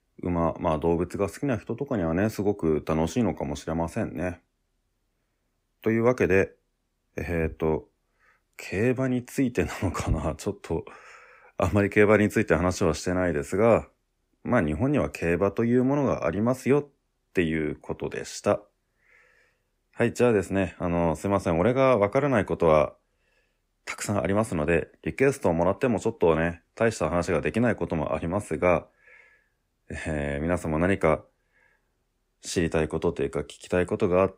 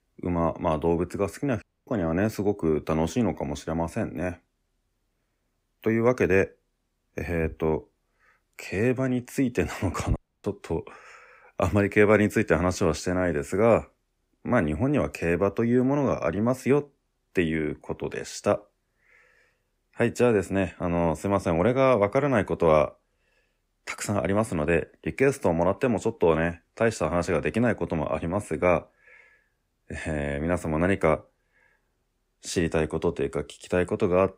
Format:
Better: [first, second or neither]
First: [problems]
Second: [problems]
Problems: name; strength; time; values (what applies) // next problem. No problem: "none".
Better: first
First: none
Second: audio cutting out; at 1.5 s and at 10 s